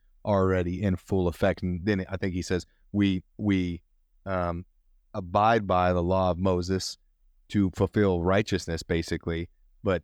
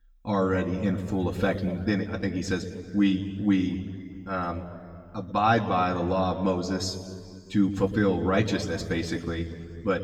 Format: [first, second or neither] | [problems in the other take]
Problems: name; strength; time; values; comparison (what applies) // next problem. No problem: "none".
first | room echo; slight; dies away in 1.8 s // off-mic speech; somewhat distant